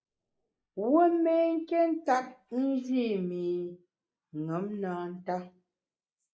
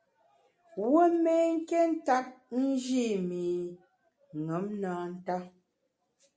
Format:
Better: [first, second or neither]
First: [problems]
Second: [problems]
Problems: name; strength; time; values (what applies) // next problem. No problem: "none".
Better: second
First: noise reduction (neural mask model Resemble Enhance denoiser)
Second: none